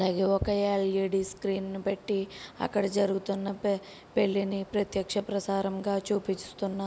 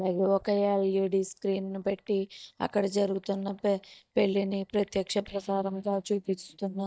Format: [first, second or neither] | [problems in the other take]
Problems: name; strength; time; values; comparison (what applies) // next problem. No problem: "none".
first | noise reduction (neural mask model DeepFilterNet 3)